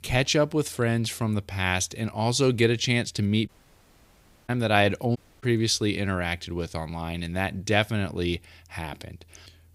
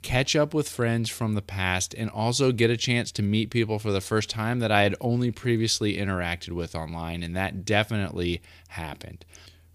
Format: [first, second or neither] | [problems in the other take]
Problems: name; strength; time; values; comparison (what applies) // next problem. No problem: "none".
second | audio cutting out; at 3.5 s for 1 s and at 5 s